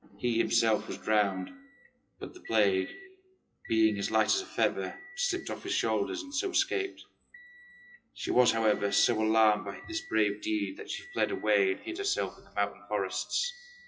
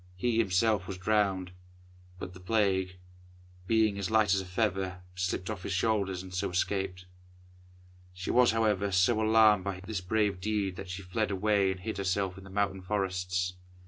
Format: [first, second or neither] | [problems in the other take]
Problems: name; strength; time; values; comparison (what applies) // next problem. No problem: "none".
second | noise reduction (classical method WPE with log-MMSE)